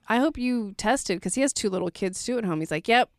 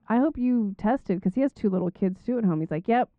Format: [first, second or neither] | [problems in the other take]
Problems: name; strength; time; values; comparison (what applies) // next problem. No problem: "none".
first | muffled; very; fading above 1 kHz